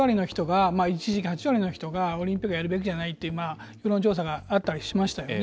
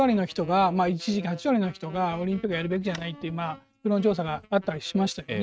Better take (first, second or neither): first